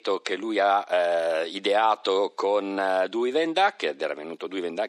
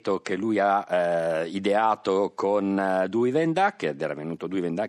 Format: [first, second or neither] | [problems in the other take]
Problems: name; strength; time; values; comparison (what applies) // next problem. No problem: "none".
second | thin; somewhat; fading below 350 Hz